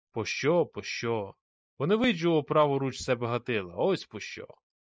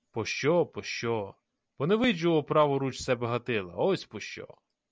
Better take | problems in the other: second | noise reduction (neural mask model Resemble Enhance denoiser)

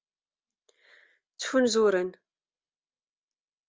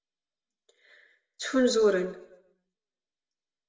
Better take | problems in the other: first | room echo; dies away in 0.6 s

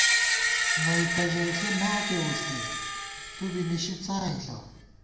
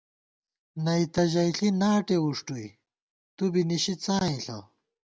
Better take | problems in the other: second | background sound (Screech); 2 dB above the speech // room echo; dies away in 1 s

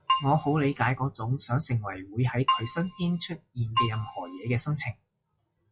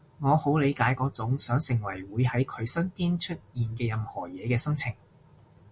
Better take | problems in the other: second | noise reduction (classical method log-MMSE)

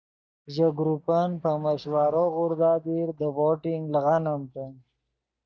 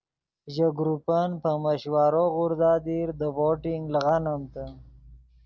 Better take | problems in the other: second | noise reduction (neural mask model DeepFilterNet 3)

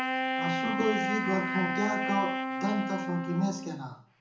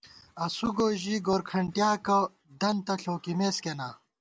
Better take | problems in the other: second | background sound (Wind instrument, woodwind instrument); as loud as the speech // room echo; dies away in 0.6 s

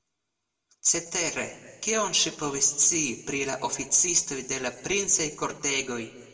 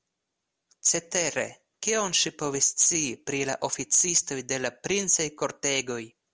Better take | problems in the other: second | room echo; dies away in 1.2 s

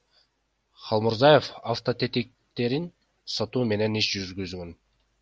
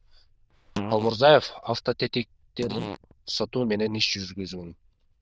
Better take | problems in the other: first | noise reduction (neural diffusion model UNIVERSE++)

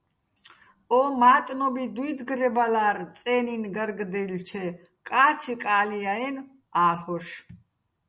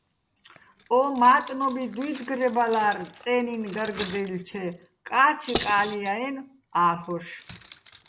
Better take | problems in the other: first | background sound (Cutlery, silverware); 16 dB below the speech

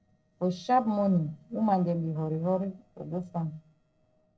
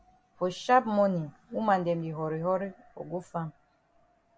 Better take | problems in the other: second | noise reduction (neural separator model SepFormer DNS4)

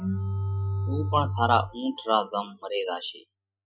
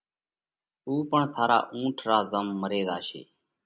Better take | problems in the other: second | noise reduction (classical method Wiener filter)

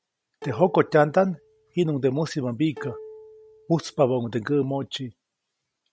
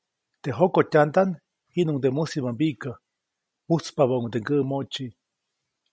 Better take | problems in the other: second | background sound (Plucked string instrument); 19 dB below the speech

